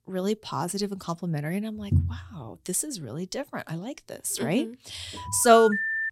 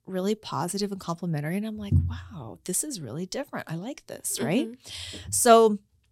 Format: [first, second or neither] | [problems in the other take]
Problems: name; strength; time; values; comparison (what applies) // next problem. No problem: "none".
second | phone ringing; noticeable; at 5 s; peak level with the speech